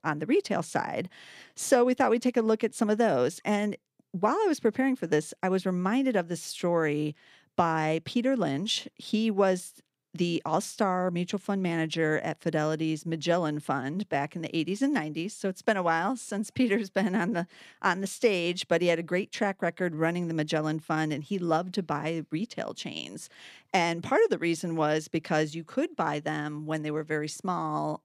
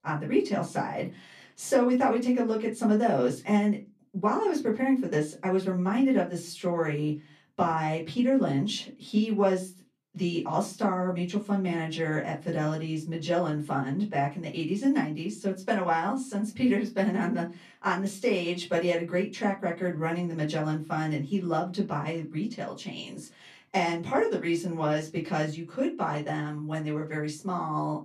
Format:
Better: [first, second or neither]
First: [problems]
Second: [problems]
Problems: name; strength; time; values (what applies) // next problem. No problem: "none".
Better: first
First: none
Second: off-mic speech; far // room echo; very slight; dies away in 0.2 s